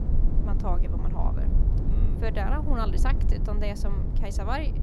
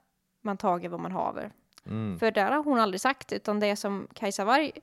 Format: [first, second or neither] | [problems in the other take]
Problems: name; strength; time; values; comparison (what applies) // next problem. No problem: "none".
second | low rumble; loud; throughout; 7 dB below the speech